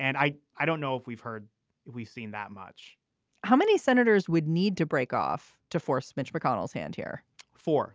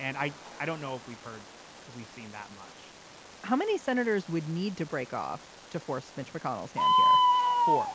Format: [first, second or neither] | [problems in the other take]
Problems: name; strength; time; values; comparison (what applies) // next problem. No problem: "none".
first | background sound (Bird); 4 dB above the speech